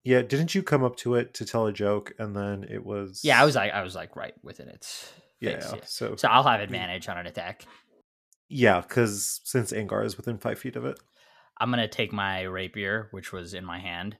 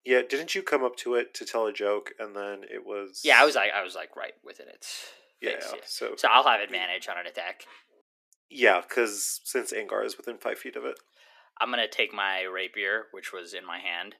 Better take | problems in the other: first | thin; somewhat; fading below 300 Hz

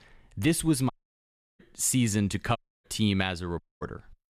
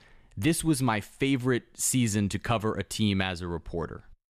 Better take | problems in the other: second | audio cutting out; at 1 s for 0.5 s, at 2.5 s and at 3.5 s

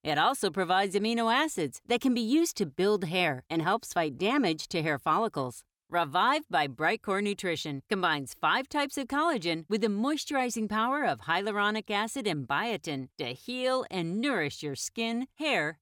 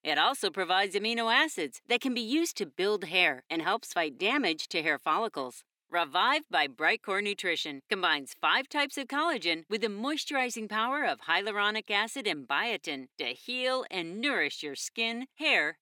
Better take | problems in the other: first | thin; very slightly; fading below 250 Hz

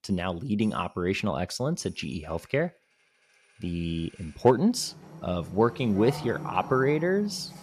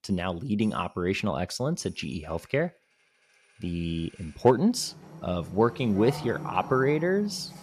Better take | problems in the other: neither | household noises; noticeable; throughout; 15 dB below the speech; the same in both

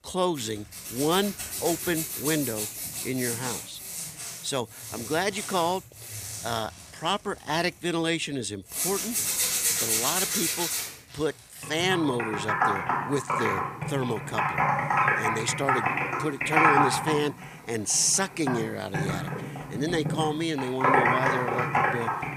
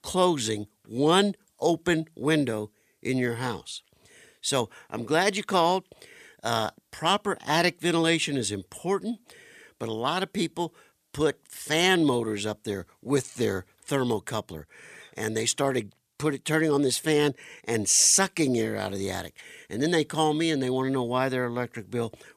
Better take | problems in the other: second | household noises; very loud; throughout; 2 dB above the speech

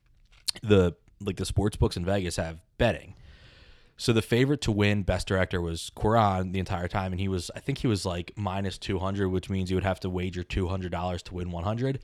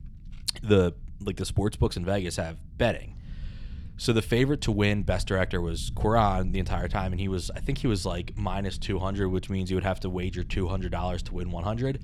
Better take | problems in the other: first | low rumble; faint; throughout; 25 dB below the speech

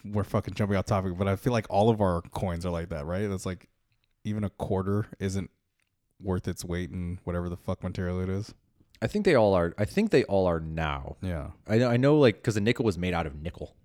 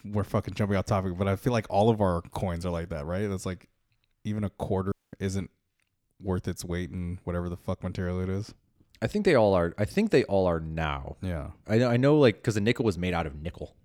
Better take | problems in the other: first | audio cutting out; at 5 s

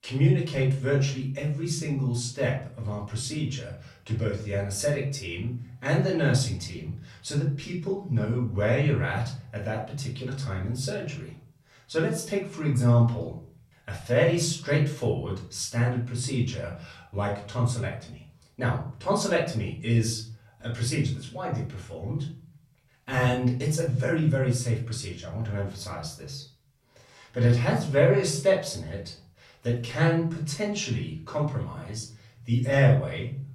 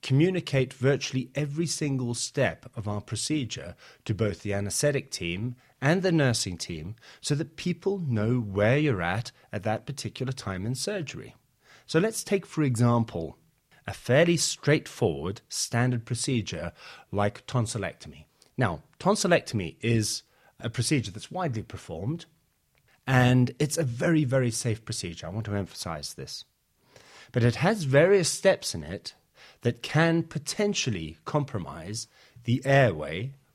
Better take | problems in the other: second | off-mic speech; far // room echo; slight; dies away in 0.4 s

